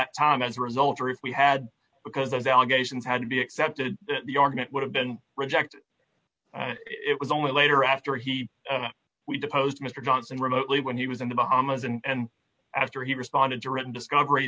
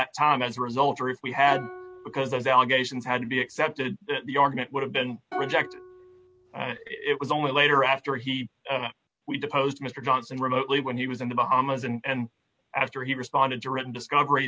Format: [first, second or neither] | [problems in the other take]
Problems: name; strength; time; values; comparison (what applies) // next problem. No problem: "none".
first | background sound (Plucked string instrument); 14 dB below the speech